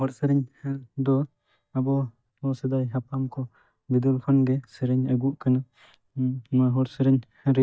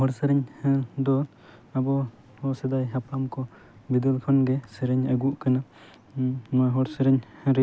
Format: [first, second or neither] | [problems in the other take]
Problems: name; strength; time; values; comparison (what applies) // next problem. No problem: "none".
second | noise reduction (neural mask model DeepFilterNet 3)